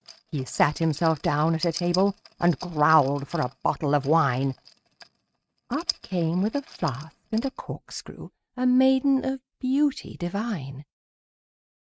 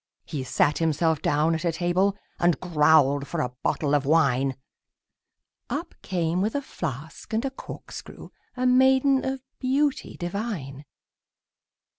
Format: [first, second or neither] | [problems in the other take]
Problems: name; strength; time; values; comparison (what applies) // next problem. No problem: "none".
second | noise reduction (neural mask model RNNoise)